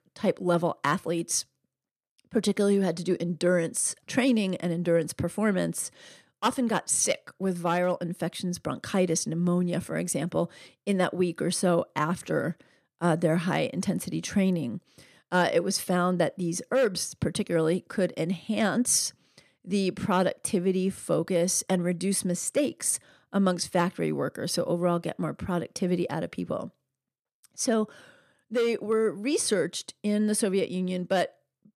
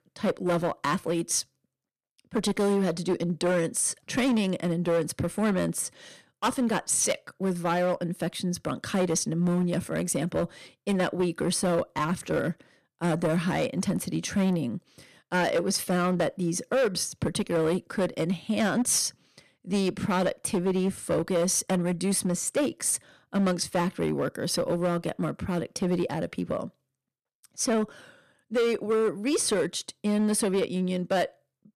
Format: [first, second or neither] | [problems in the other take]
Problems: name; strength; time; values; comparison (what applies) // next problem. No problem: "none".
first | distortion; slight; 8% of the sound clipped